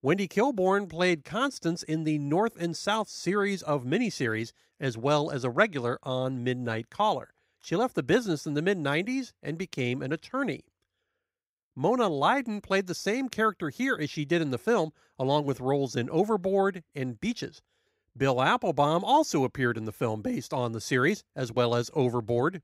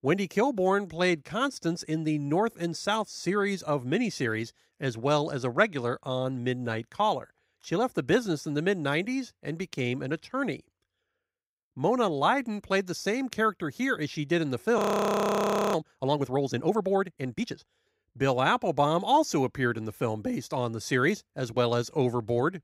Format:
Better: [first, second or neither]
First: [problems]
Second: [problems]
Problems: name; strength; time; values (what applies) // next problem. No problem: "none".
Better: first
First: none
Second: audio freezing; at 15 s for 1 s